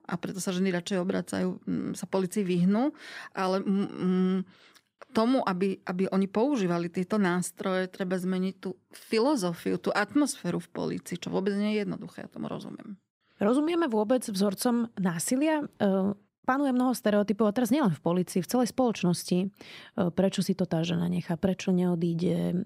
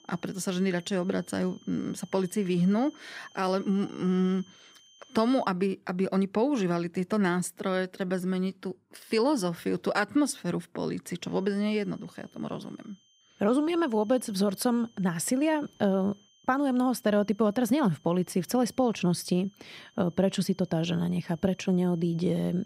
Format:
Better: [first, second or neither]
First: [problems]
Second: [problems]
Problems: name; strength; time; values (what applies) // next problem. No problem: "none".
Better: first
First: none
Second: high-pitched whine; faint; until 5.5 s and from 11 s on; 3 kHz, 30 dB below the speech